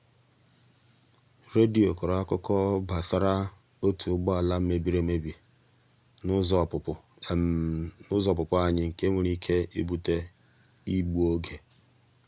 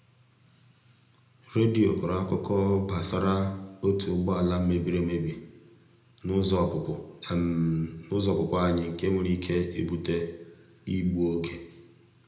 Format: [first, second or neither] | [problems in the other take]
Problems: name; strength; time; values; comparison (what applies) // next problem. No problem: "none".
first | room echo; dies away in 0.8 s